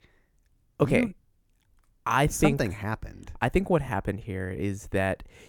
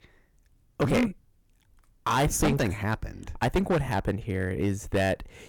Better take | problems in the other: first | distortion; heavy; 7% of the sound clipped

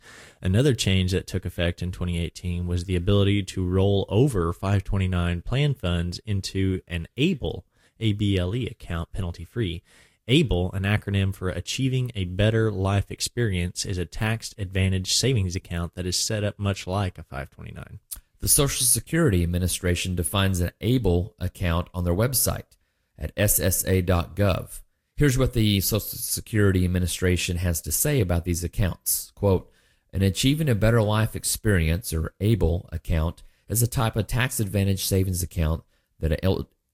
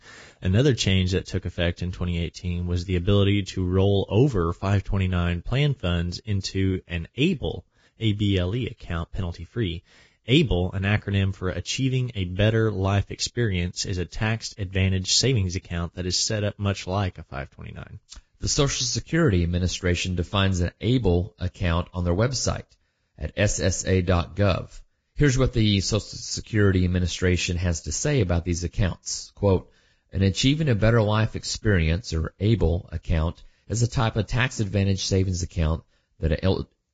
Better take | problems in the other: first | garbled, watery; badly; nothing above 7.5 kHz; slightly in the first

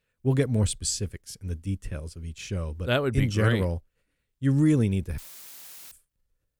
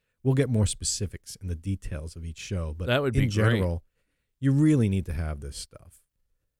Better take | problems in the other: second | audio cutting out; filled with static; at 5 s for 0.5 s

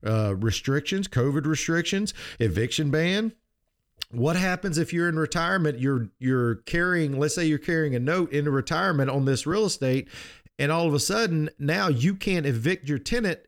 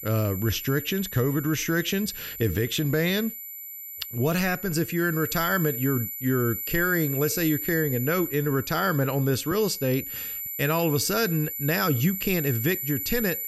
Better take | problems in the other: first | high-pitched whine; loud; throughout; 12 kHz, 6 dB below the speech

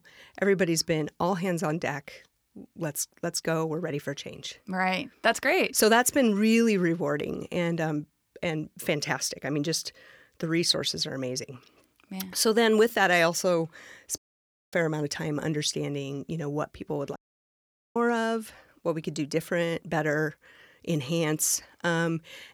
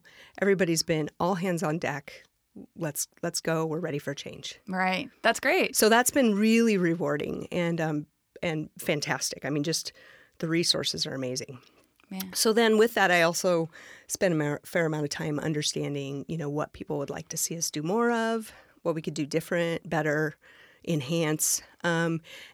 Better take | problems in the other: second | audio cutting out; at 14 s for 0.5 s and at 17 s for 1 s

